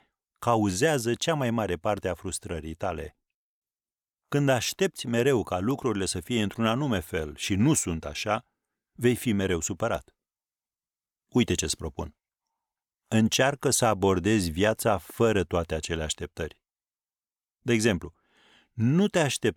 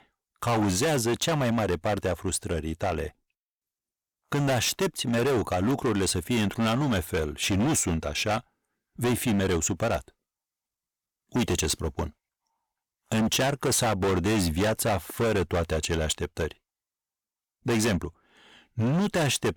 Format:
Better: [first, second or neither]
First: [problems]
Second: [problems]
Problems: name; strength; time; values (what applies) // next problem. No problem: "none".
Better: first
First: none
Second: distortion; heavy; 17% of the sound clipped